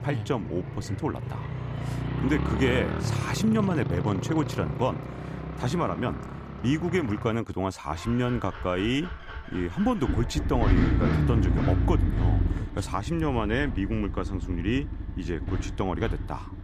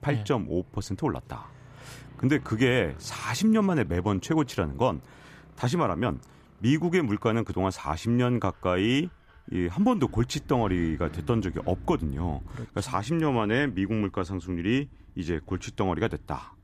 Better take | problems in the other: second | traffic noise; loud; throughout; 2 dB below the speech; faint in the second

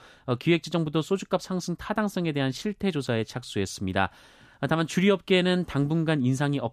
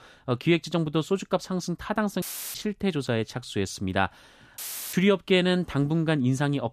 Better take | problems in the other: first | audio cutting out; filled with static; at 2 s and at 4.5 s

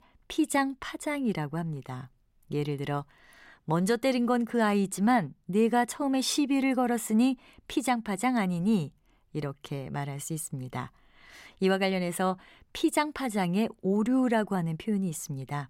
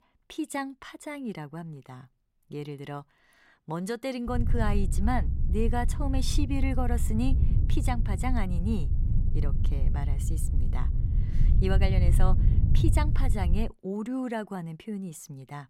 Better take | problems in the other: first | low rumble; loud; from 4.5 to 14 s; 8 dB below the speech

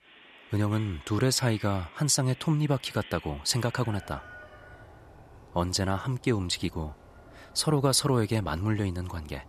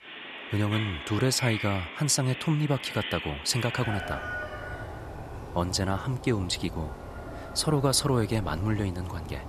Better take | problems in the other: first | animal sounds; loud; throughout; 9 dB below the speech; faint in the first

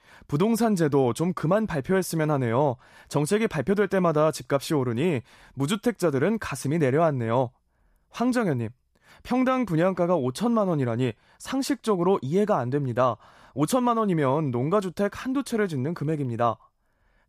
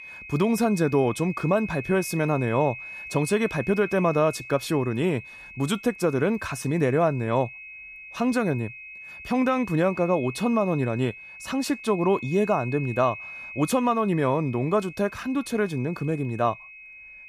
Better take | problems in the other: first | high-pitched whine; noticeable; throughout; 2.5 kHz, 15 dB below the speech

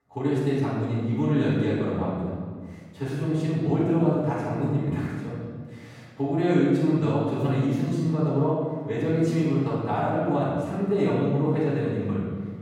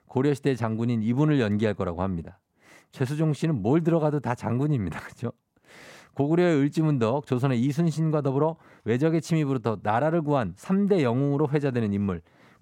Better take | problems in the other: second | room echo; strong; dies away in 1.6 s // off-mic speech; far

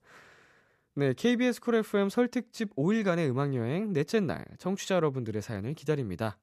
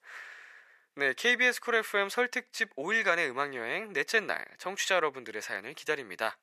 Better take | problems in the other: first | thin; very; fading below 700 Hz

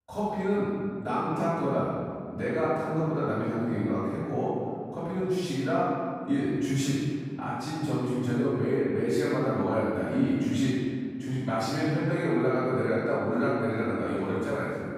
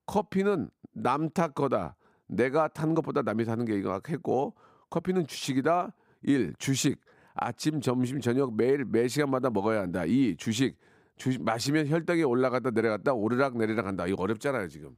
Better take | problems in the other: second | off-mic speech; far // room echo; strong; dies away in 2.1 s

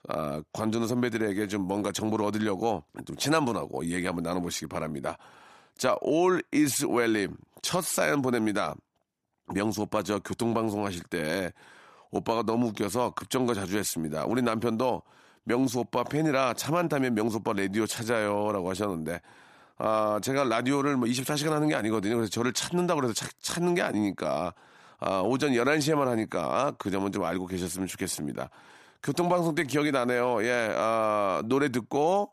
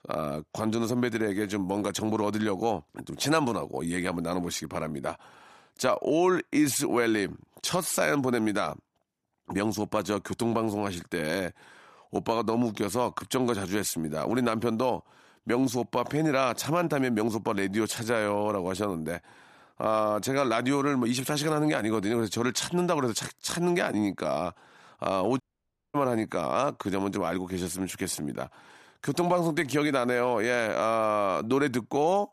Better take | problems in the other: first | audio cutting out; at 25 s for 0.5 s

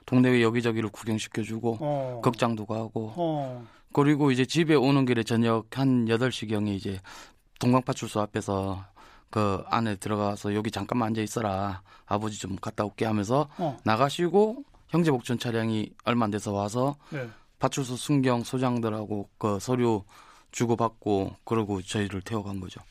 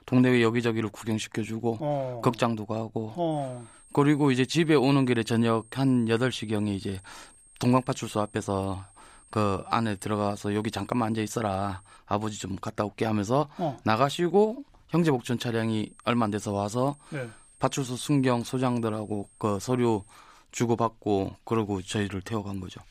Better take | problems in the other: first | high-pitched whine; faint; from 3.5 to 12 s and from 16 to 20 s; 8.5 kHz, 25 dB below the speech

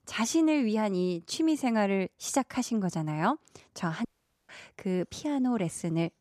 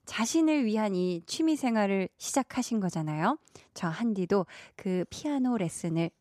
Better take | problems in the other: second | audio cutting out; at 4 s

